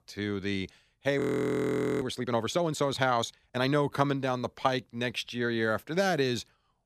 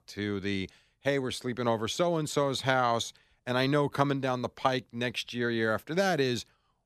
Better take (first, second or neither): second